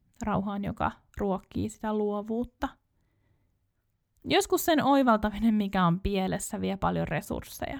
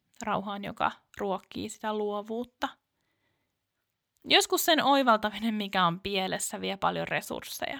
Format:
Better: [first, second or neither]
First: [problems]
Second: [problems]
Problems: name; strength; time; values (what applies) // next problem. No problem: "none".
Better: first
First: none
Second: thin; very slightly; fading below 500 Hz